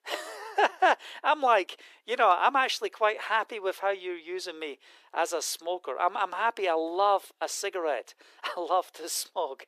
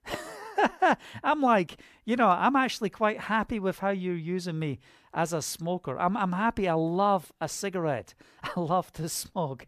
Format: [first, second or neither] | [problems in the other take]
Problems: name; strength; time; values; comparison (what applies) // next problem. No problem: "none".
second | thin; very; fading below 350 Hz